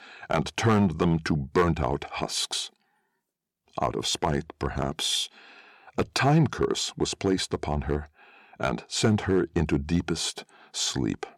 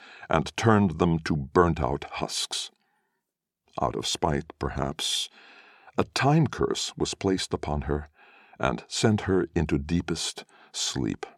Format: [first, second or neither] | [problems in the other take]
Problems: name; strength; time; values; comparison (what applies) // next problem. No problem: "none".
second | distortion; slight; 1.1% of the sound clipped